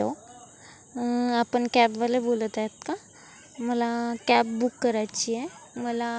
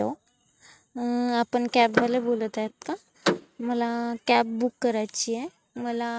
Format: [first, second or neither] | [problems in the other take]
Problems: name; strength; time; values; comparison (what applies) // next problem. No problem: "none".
first | noise reduction (neural mask model RNNoise)